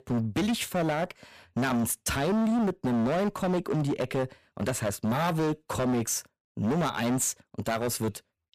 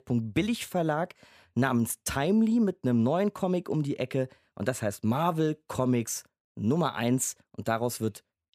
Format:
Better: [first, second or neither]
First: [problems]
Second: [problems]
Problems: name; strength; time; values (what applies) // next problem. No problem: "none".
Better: second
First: distortion; heavy; 21% of the sound clipped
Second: none